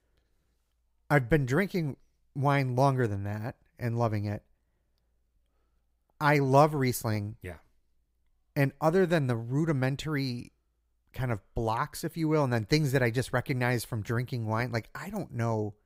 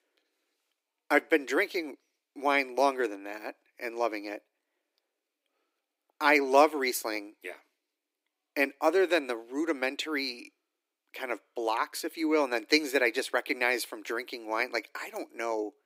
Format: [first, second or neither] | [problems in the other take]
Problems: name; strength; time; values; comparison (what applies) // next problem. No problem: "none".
first | thin; somewhat; fading below 300 Hz